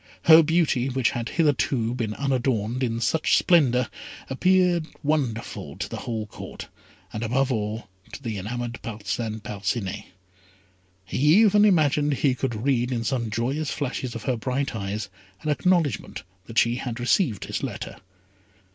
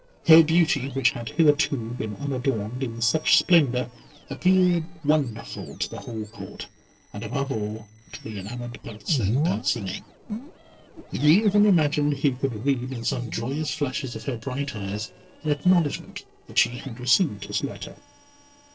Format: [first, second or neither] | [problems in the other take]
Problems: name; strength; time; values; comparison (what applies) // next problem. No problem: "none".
first | noise reduction (neural separator model SepFormer DNS4)